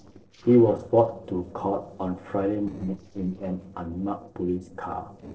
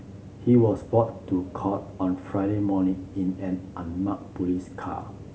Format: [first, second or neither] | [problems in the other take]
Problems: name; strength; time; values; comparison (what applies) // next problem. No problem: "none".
second | noise reduction (neural separator model SepFormer DNS4)